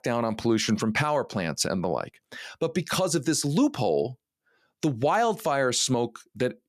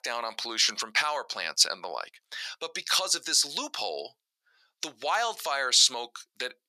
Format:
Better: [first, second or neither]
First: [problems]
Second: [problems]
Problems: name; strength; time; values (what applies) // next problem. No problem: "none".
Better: first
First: none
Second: thin; very; fading below 1 kHz